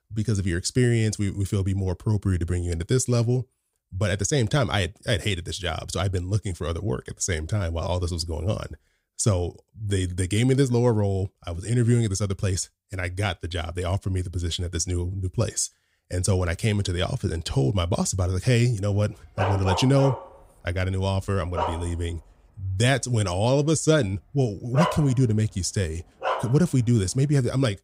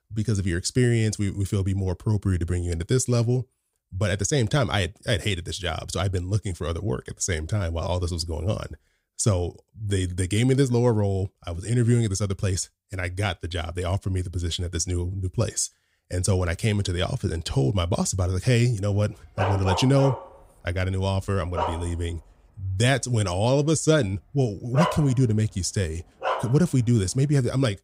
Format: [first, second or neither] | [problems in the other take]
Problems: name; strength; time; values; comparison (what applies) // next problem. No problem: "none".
neither | dog barking; noticeable; from 19 to 26 s; peak 2 dB below the speech; the same in both